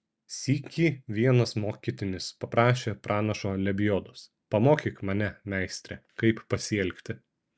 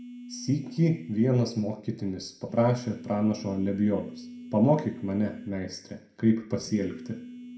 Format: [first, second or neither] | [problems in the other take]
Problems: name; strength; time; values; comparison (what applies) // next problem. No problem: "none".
first | background sound (Telephone); 16 dB below the speech // room echo; dies away in 0.5 s